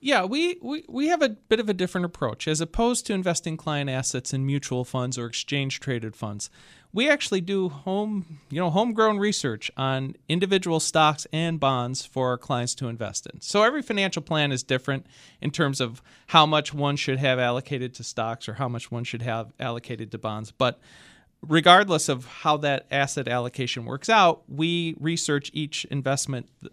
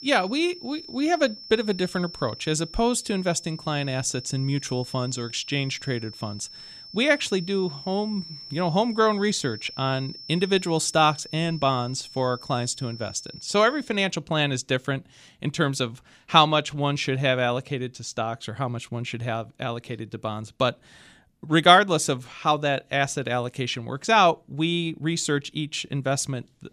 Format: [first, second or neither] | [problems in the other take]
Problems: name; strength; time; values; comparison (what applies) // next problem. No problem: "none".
first | high-pitched whine; noticeable; until 14 s; 5.5 kHz, 15 dB below the speech